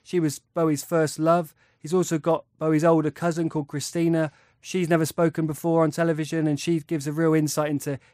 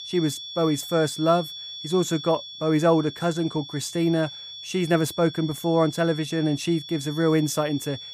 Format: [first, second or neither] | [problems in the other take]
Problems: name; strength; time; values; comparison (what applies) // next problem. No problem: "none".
first | high-pitched whine; noticeable; throughout; 3.5 kHz, 10 dB below the speech